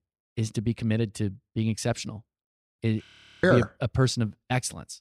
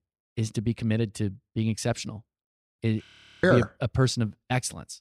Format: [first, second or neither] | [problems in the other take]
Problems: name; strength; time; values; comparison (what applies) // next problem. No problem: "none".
neither | audio freezing; at 3 s; the same in both